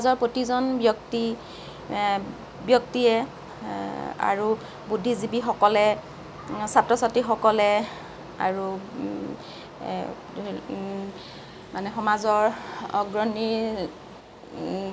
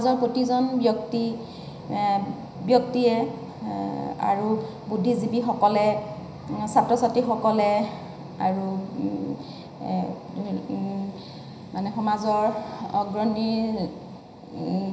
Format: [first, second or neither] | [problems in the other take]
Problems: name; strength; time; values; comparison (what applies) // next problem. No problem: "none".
first | room echo; dies away in 0.9 s